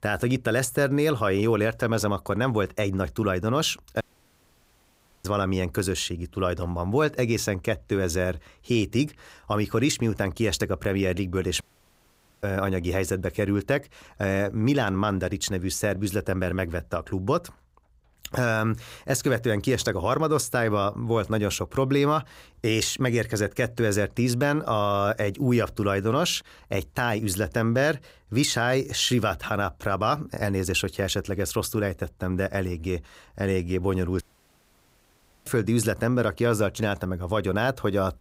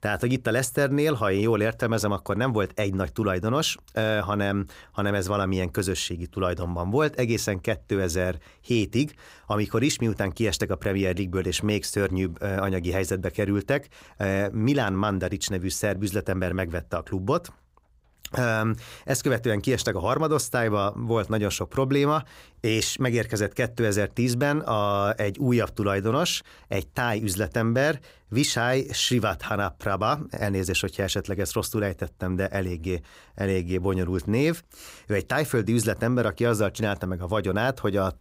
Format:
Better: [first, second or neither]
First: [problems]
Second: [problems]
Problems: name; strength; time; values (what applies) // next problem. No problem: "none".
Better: second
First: audio cutting out; at 4 s for 1 s, at 12 s for 1 s and at 34 s for 1.5 s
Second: none